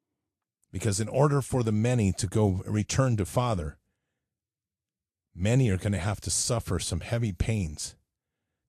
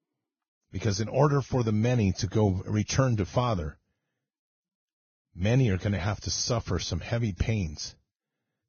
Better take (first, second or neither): first